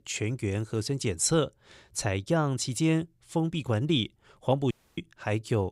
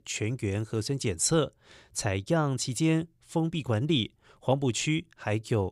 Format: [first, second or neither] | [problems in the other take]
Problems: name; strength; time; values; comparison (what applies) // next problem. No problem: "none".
second | audio cutting out; at 4.5 s